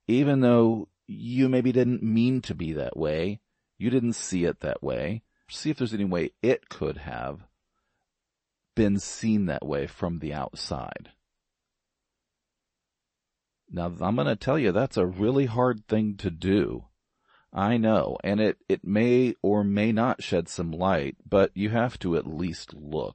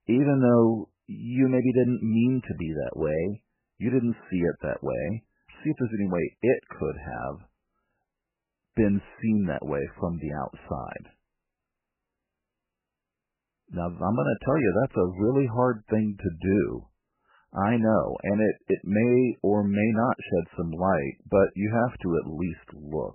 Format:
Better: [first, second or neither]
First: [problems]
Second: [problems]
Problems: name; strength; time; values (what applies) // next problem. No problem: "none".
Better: first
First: garbled, watery; slightly; nothing above 8 kHz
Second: garbled, watery; badly; nothing above 2.5 kHz